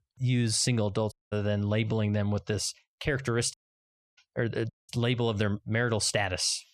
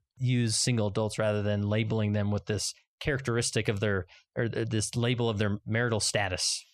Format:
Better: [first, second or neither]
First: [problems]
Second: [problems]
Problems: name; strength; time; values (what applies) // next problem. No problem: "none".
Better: second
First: audio cutting out; at 1 s, at 3.5 s for 0.5 s and at 4.5 s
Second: none